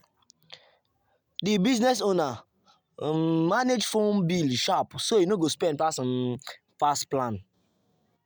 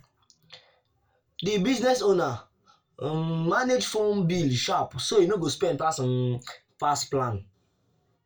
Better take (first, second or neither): first